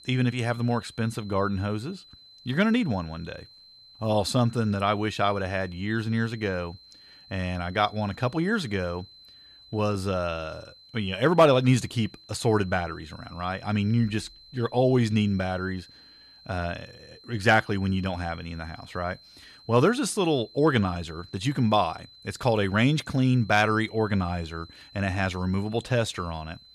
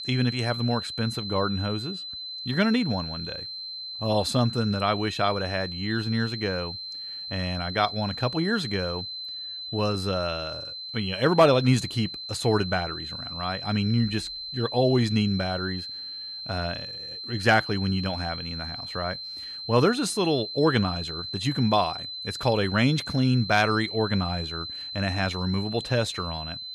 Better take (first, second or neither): first